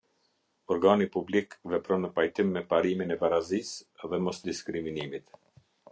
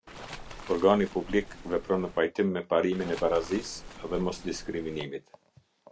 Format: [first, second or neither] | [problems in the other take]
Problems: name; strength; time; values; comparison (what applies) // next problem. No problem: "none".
first | background sound (Waves, surf); 14 dB below the speech